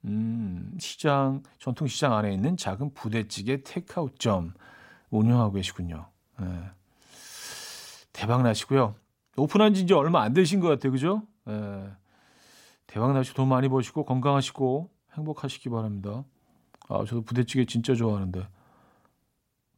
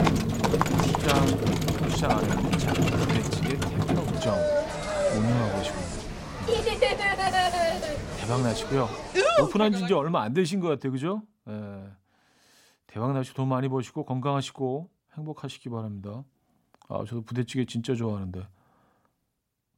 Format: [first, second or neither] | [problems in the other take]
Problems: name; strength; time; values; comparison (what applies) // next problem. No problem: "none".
first | animal sounds; very loud; until 9.5 s; 4 dB above the speech